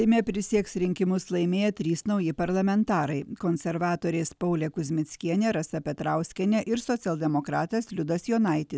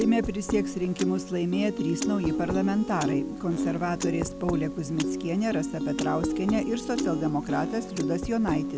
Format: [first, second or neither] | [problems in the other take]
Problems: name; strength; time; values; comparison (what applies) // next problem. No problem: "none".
first | background sound (Piano); 2 dB below the speech